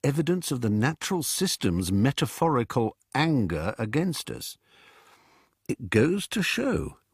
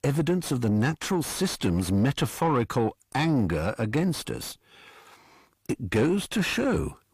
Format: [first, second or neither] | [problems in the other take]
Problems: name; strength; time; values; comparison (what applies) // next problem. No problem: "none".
first | distortion; slight; 10 dB below the speech